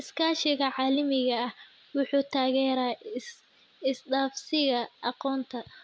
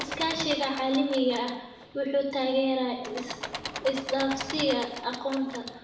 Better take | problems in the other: first | background sound (Engine / Mechanisms); 10 dB below the speech // room echo; dies away in 0.9 s

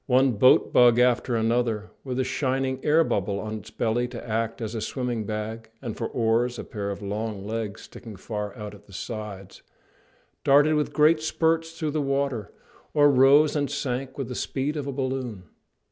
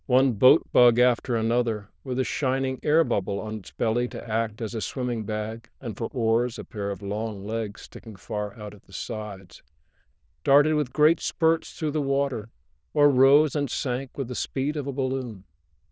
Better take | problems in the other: first | noise reduction (neural diffusion model UNIVERSE++)

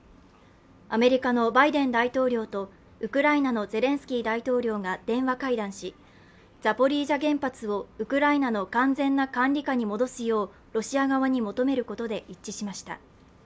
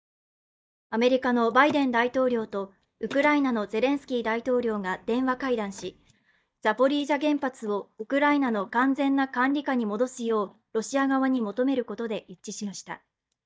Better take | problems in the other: first | noise reduction (neural mask model DeepFilterNet 3)

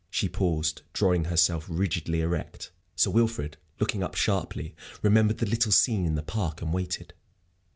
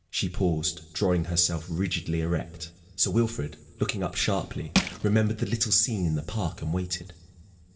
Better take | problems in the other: first | background sound (Crushing); 1 dB below the speech // room echo; dies away in 1.5 s

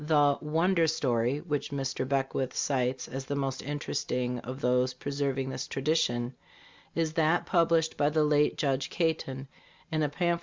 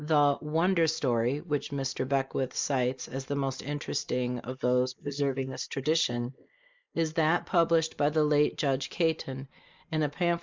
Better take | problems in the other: first | noise reduction (neural mask model Resemble Enhance denoiser)

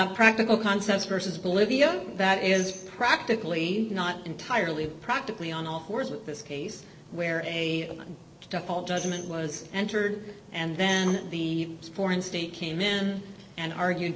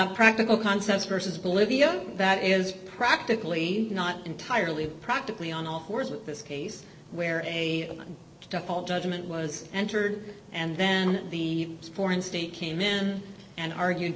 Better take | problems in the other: second | background sound (Tambourine); 20 dB below the speech

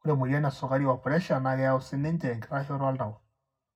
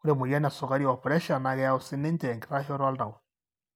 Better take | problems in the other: second | room echo; dies away in 0.4 s

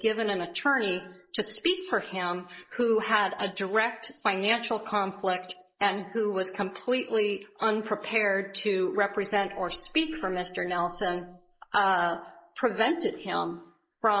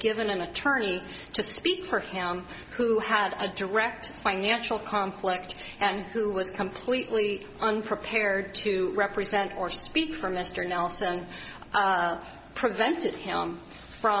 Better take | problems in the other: second | noise reduction (neural mask model Resemble Enhance denoiser)

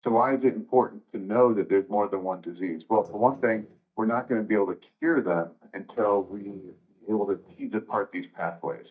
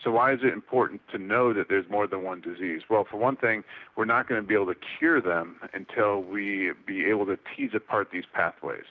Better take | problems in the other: second | noise reduction (neural mask model DeepFilterNet 3)

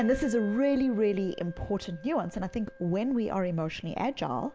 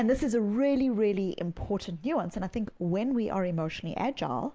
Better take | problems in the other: second | background sound (Wind instrument, woodwind instrument); 18 dB below the speech

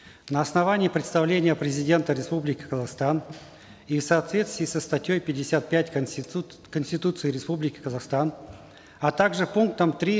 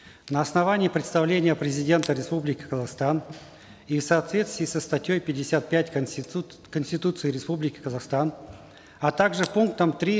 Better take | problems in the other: first | background sound (Shatter); 17 dB below the speech

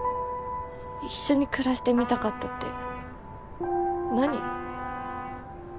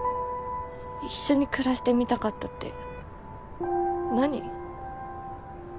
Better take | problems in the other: second | background sound (Trumpet); 10 dB below the speech

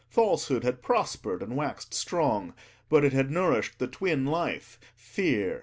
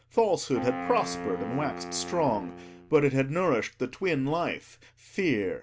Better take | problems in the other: first | background sound (Wind instrument, woodwind instrument); 10 dB below the speech

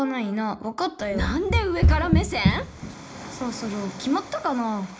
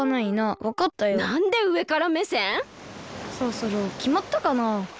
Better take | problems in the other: second | background sound (Run); 4 dB above the speech // room echo; dies away in 0.4 s

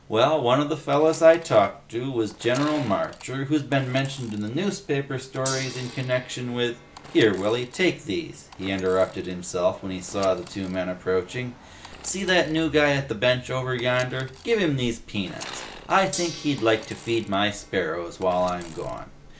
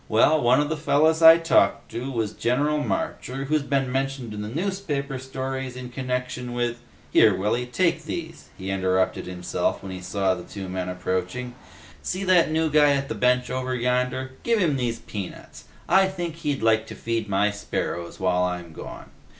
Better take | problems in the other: second | background sound (Sawing / Engine + Gong); 18 dB below the speech

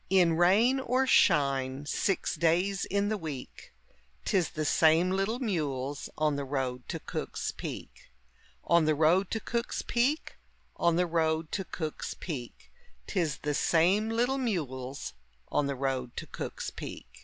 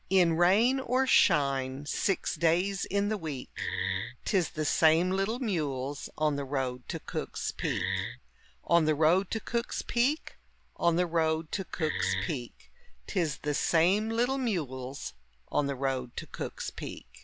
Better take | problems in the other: first | background sound (Wood); 4 dB below the speech

